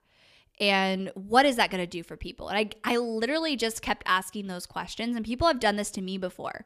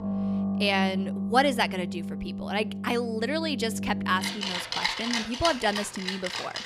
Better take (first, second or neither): first